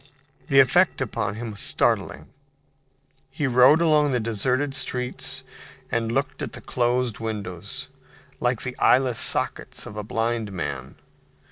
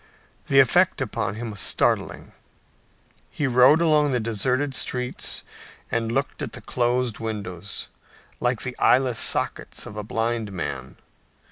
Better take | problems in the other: second | noise reduction (neural separator model SepFormer DNS4)

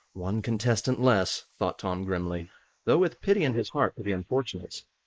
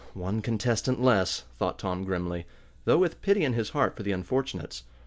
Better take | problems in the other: second | noise reduction (neural mask model Resemble Enhance denoiser)

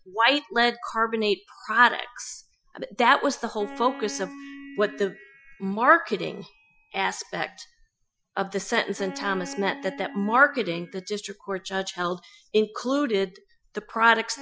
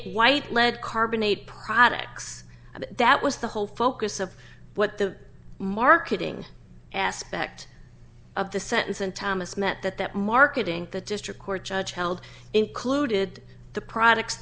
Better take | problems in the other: second | noise reduction (classical method Wiener filter)

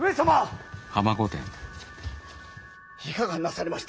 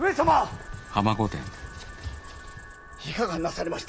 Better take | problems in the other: first | background sound (Cricket); 17 dB below the speech

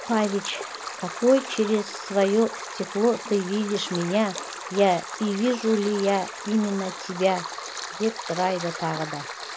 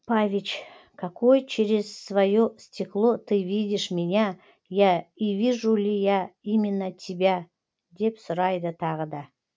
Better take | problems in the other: second | background sound (Stream); 10 dB below the speech

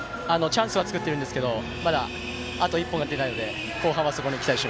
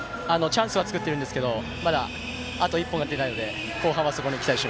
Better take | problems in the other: second | background sound (Organ); 15 dB below the speech

